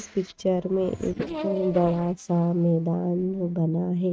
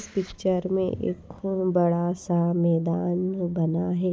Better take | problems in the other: second | noise reduction (neural mask model RNNoise)

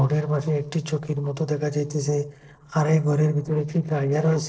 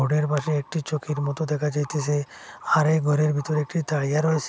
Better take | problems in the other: second | noise reduction (neural separator model SepFormer DNS4)

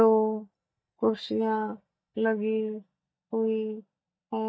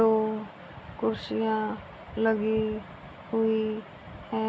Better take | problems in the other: second | noise reduction (neural mask model DeepFilterNet 3)

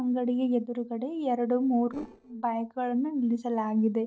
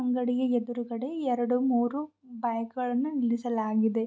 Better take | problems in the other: second | noise reduction (neural separator model SepFormer DNS4)

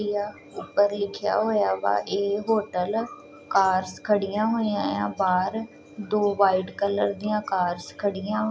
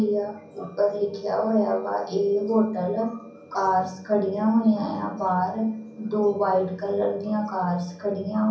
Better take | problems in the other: first | room echo; dies away in 0.6 s

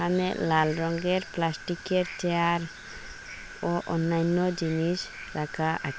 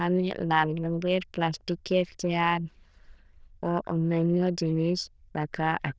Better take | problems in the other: first | noise reduction (neural diffusion model UNIVERSE++)

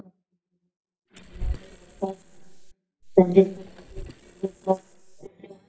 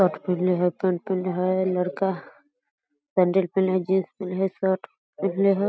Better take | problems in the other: second | noise reduction (neural mask model DeepFilterNet 3)

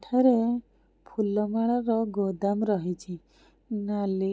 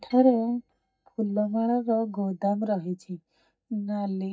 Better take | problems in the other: first | noise reduction (neural mask model DeepFilterNet 3)

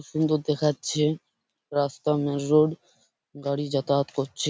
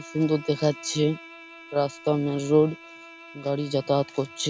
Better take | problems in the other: first | background sound (Bowed string instrument); 19 dB below the speech

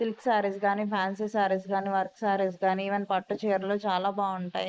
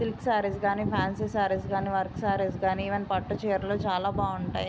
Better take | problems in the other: second | noise reduction (neural mask model Resemble Enhance denoiser)

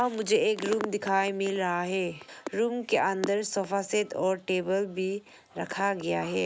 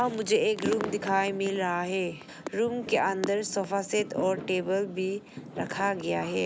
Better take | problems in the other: first | background sound (Fireworks); 13 dB below the speech

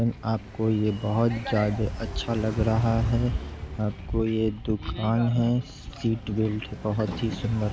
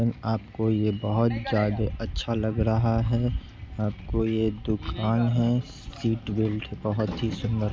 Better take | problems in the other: second | background sound (Car passing by); 15 dB below the speech

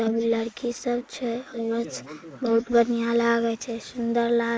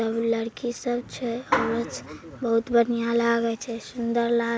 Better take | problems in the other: second | noise reduction (neural mask model Resemble Enhance denoiser)

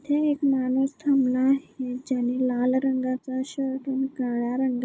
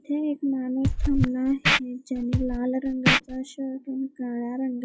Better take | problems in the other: first | noise reduction (classical method log-MMSE)

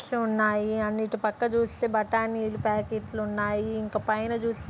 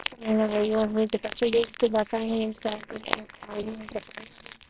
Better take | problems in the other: first | noise reduction (neural separator model SepFormer WHAMR!)

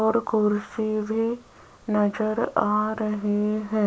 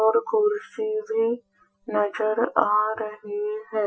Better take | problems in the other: first | noise reduction (classical method Wiener filter)

